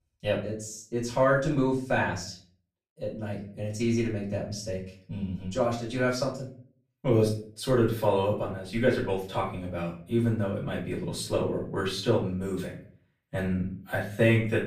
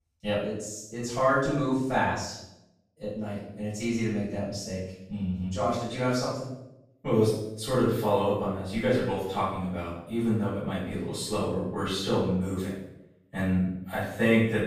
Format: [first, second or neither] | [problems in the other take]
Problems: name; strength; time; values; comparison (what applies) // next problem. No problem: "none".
first | room echo; strong; dies away in 0.7 s; slight in the first // off-mic speech; far; far in the first